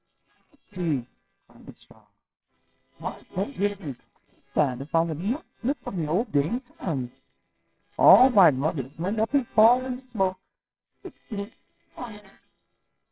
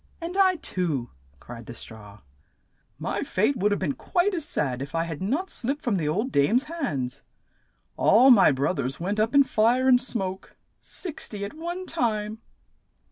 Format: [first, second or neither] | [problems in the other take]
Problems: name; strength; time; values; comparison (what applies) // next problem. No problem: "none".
second | noise reduction (neural separator model SepFormer WHAMR!)